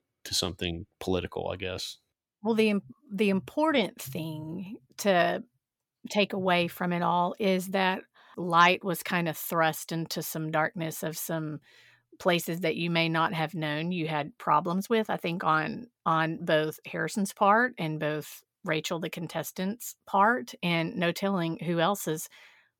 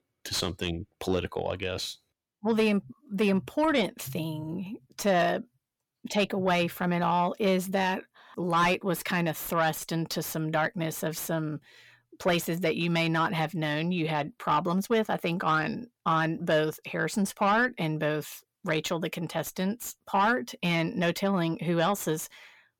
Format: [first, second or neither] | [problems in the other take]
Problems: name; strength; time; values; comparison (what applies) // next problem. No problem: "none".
first | distortion; slight; 10 dB below the speech